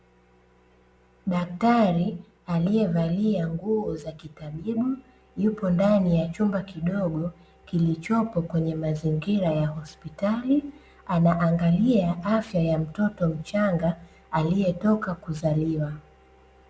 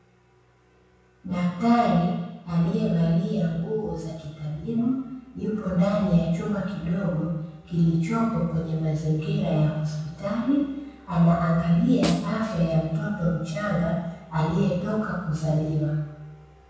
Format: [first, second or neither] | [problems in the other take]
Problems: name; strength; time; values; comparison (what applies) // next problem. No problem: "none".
first | background sound (Snare drum); 12 dB below the speech // room echo; dies away in 1 s